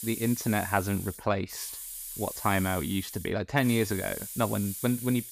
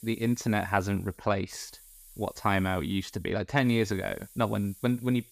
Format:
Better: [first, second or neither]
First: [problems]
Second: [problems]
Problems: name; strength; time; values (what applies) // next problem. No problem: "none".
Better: second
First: hiss; loud; throughout; 8 dB below the speech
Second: hiss; faint; throughout; 20 dB below the speech